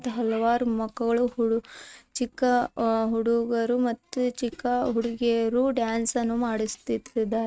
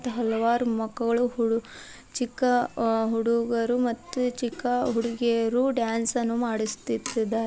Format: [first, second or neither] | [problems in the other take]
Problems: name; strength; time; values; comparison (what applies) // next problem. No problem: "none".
second | noise reduction (neural mask model RNNoise)